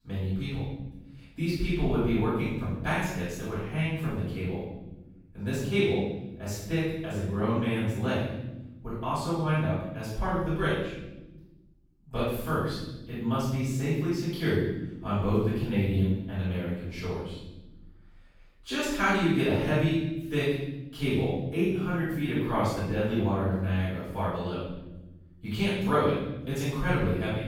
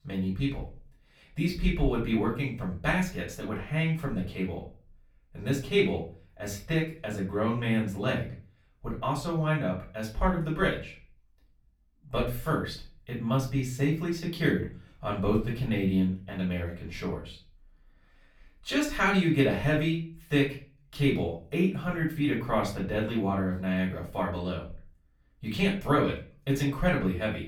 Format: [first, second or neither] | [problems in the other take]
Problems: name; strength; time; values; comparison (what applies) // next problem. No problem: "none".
second | room echo; strong; dies away in 1.1 s; slight in the second // off-mic speech; far; far in the second